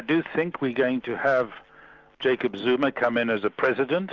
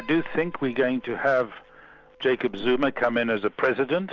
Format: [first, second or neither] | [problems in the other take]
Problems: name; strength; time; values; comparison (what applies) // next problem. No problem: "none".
first | background sound (Piano); 17 dB below the speech